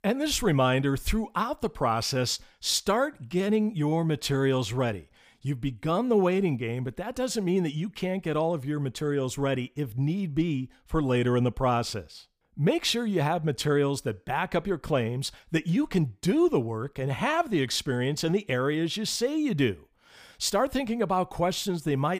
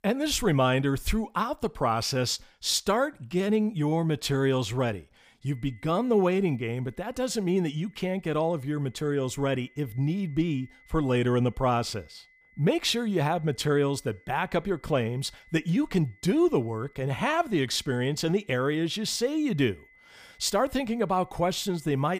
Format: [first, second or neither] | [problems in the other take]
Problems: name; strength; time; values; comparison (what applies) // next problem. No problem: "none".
first | high-pitched whine; faint; from 5.5 s on; 2 kHz, 30 dB below the speech